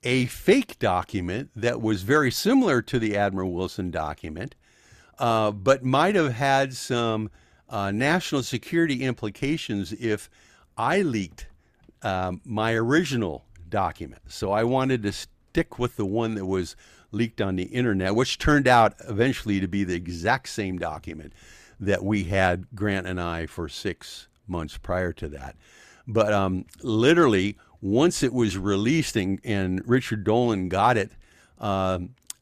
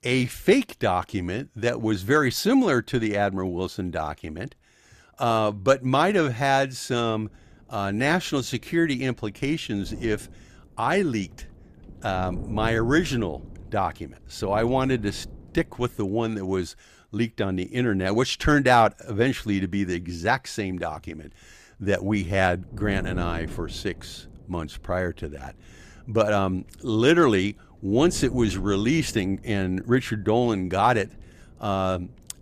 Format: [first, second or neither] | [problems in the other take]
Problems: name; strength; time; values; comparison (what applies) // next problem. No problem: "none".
first | wind noise on the microphone; occasional gusts; from 7 to 16 s and from 22 s on; 25 dB below the speech